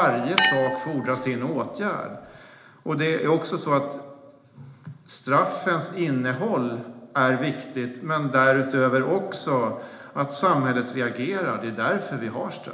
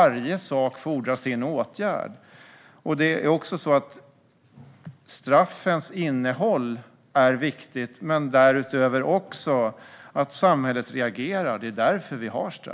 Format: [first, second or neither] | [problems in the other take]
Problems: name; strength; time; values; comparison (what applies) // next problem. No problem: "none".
second | background sound (Chink, clink); 4 dB below the speech // room echo; dies away in 0.8 s